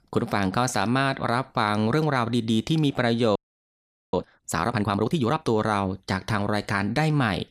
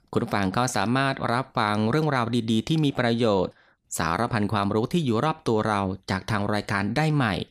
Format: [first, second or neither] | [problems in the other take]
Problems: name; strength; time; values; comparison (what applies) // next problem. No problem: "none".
second | audio freezing; at 3.5 s for 1 s